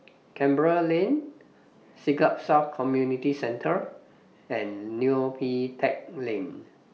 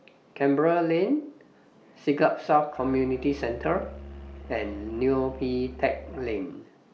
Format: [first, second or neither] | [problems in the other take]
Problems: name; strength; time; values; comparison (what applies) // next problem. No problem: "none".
first | background sound (Musical instrument); 15 dB below the speech